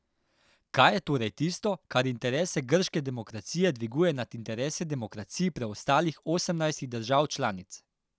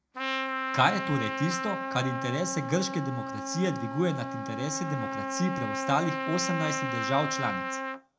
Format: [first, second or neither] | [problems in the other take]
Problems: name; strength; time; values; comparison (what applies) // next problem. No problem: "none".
first | background sound (Trumpet); 3 dB below the speech // room echo; dies away in 0.2 s